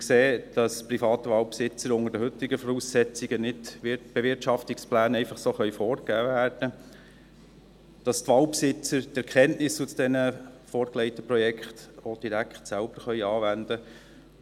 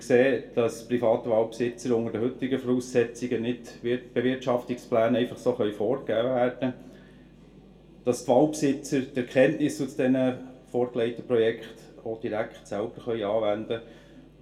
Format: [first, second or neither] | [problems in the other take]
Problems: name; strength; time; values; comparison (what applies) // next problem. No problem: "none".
first | room echo; dies away in 0.3 s